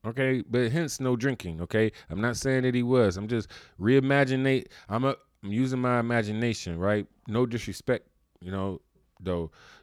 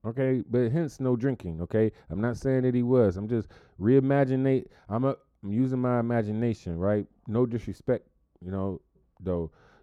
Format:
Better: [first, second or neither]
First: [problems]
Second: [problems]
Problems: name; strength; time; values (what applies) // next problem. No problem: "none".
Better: first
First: none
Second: muffled; slightly; fading above 1.5 kHz